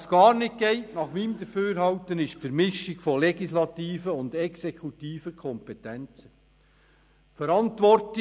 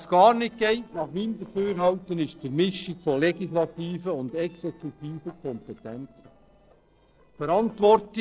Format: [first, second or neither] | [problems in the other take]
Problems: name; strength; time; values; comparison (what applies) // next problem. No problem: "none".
first | noise reduction (neural separator model SepFormer DNS4)